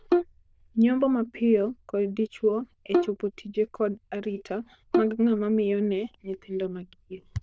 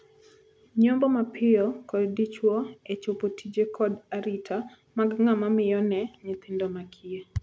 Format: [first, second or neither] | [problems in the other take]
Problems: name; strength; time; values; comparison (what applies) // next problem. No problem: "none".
second | noise reduction (neural diffusion model UNIVERSE++)